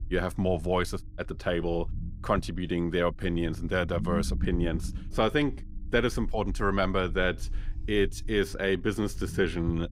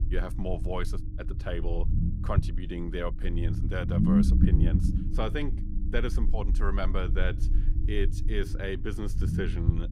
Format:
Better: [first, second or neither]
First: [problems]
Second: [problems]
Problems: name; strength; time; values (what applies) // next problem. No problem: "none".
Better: first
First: low rumble; faint; throughout; 20 dB below the speech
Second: low rumble; loud; throughout; 4 dB below the speech